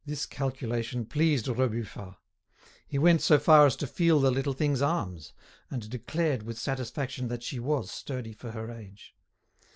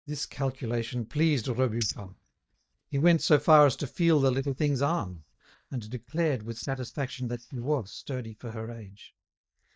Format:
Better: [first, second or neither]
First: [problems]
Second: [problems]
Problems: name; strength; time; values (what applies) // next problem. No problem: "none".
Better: first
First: none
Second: noise reduction (neural mask model DeepFilterNet 3)